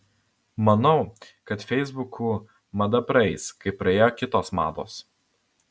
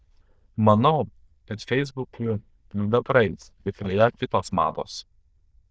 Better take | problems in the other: first | noise reduction (neural diffusion model UNIVERSE++)

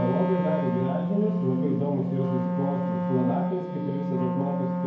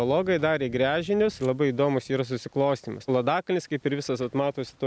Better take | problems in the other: second | background sound (Wind instrument, woodwind instrument); as loud as the speech // room echo; dies away in 0.9 s

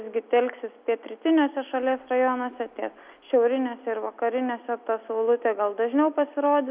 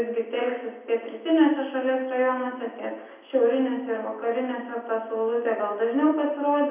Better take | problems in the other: first | room echo; dies away in 0.9 s

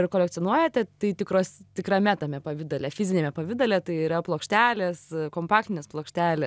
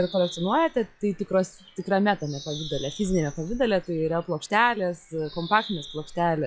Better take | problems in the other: first | noise reduction (classical method log-MMSE)

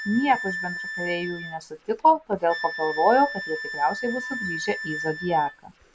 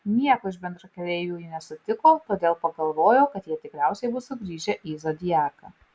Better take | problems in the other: second | background sound (Wind instrument, woodwind instrument); 9 dB below the speech

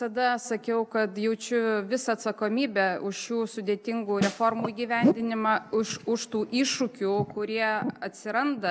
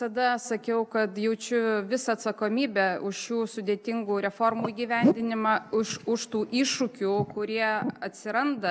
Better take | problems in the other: second | background sound (Snare drum); 11 dB below the speech

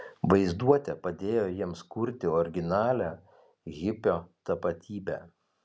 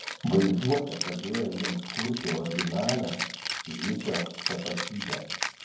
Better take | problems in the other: first | background sound (Rattle (instrument)); 5 dB below the speech // room echo; dies away in 0.9 s

